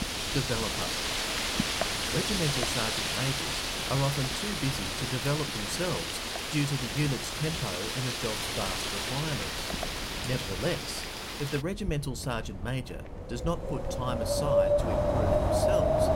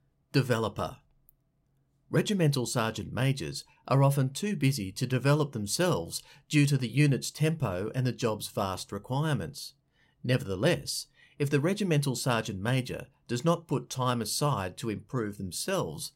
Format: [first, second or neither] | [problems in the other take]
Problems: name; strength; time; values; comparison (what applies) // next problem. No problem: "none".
second | wind in the background; very loud; throughout; 4 dB above the speech